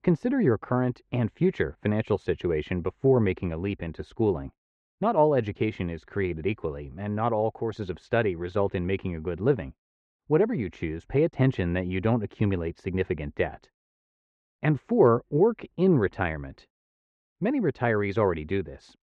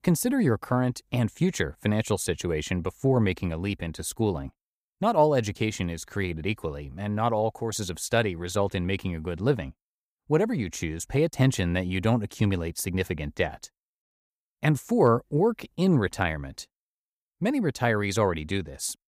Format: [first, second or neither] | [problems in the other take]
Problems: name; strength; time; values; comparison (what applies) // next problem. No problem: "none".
second | muffled; very; fading above 2.5 kHz